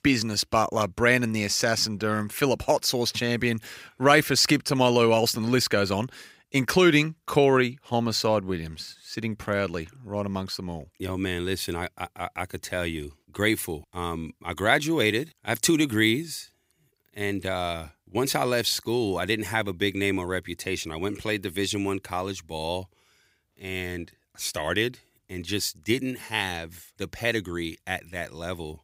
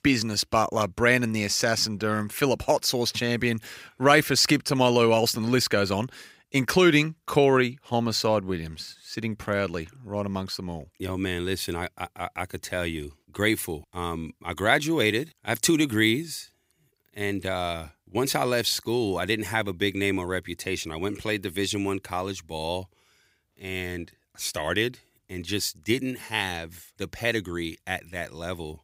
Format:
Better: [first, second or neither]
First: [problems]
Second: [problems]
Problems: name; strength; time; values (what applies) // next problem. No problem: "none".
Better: neither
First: none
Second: none